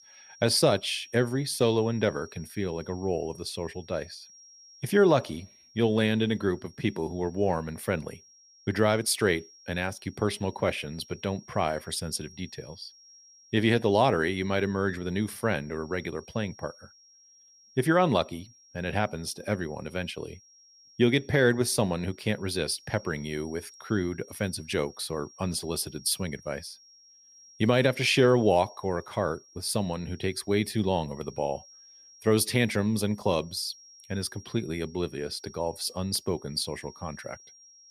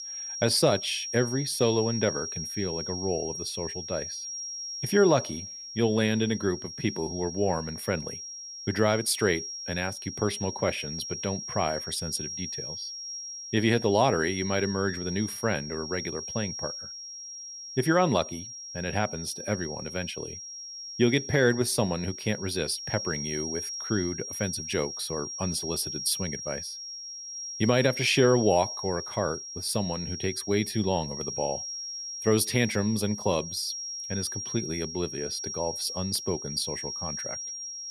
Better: first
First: high-pitched whine; faint; throughout; 5.5 kHz, 25 dB below the speech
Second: high-pitched whine; loud; throughout; 5.5 kHz, 6 dB below the speech

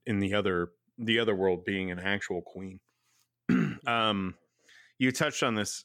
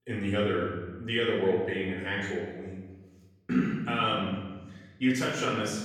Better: first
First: none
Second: room echo; noticeable; dies away in 1.3 s // off-mic speech; far

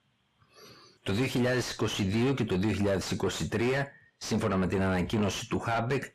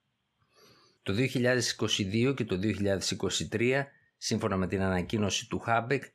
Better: second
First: distortion; heavy; 6 dB below the speech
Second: none

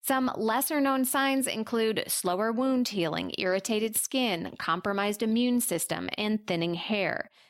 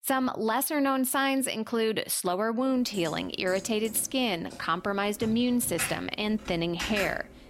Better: first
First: none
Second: keyboard typing; noticeable; from 3 s on; peak 5 dB below the speech

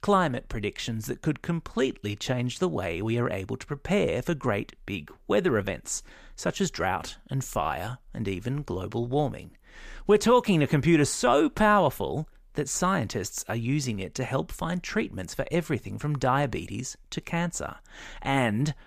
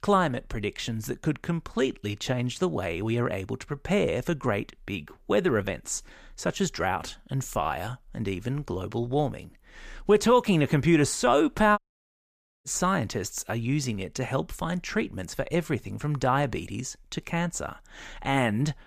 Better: first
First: none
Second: audio cutting out; at 12 s for 1 s

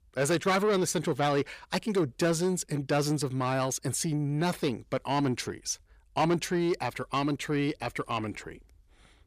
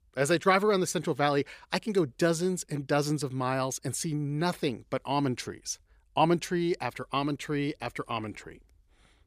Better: second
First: distortion; slight; 10 dB below the speech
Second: none

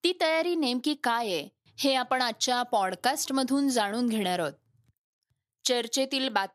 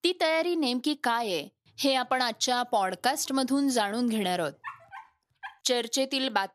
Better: first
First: none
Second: dog barking; faint; at 4.5 s; peak 15 dB below the speech

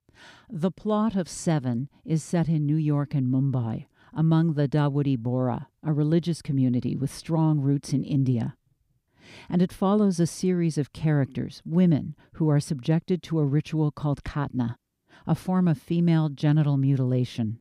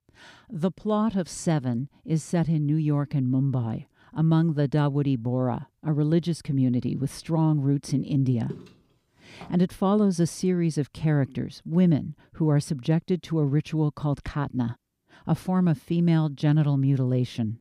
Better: first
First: none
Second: footsteps; faint; from 8.5 to 9.5 s; peak 15 dB below the speech

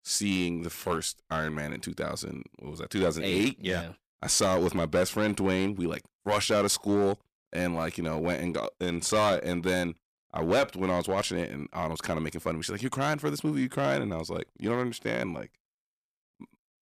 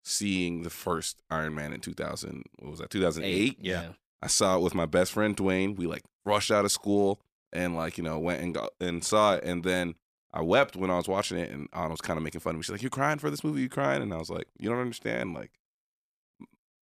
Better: second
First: distortion; slight; 3% of the sound clipped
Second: none

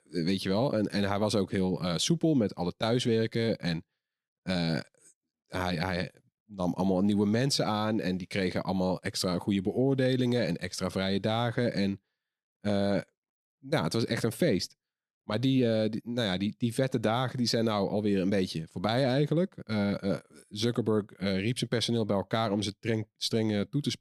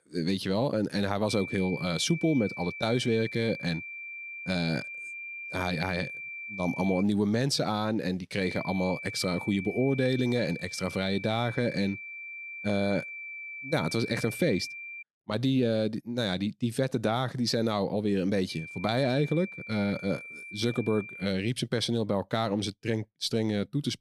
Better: first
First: none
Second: high-pitched whine; loud; from 1.5 to 7 s, from 8.5 to 15 s and from 18 to 21 s; 2.5 kHz, 9 dB below the speech

